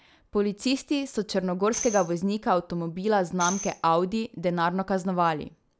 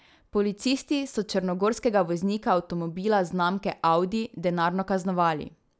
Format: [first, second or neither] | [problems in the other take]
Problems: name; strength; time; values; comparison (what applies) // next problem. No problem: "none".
second | background sound (Tambourine); 13 dB below the speech